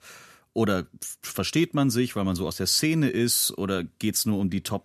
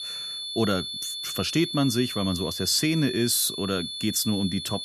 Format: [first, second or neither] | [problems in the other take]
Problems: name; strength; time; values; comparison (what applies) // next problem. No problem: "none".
first | high-pitched whine; loud; throughout; 3.5 kHz, 6 dB below the speech